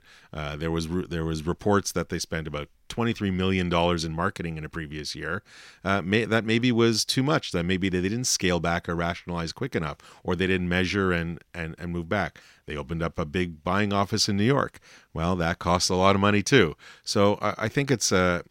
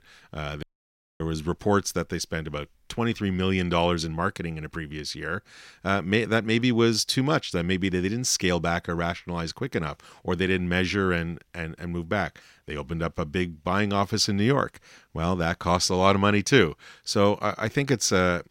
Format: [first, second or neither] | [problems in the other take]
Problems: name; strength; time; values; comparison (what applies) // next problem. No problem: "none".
first | audio cutting out; at 0.5 s for 0.5 s